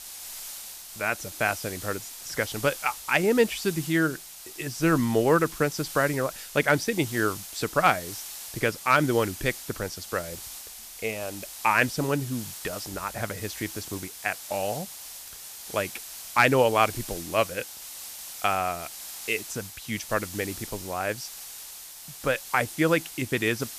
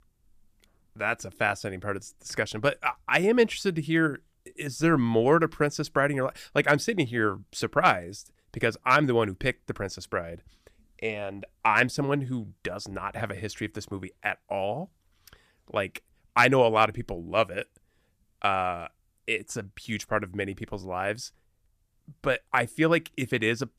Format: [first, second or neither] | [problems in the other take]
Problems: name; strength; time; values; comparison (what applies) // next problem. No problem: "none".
second | hiss; noticeable; throughout; 10 dB below the speech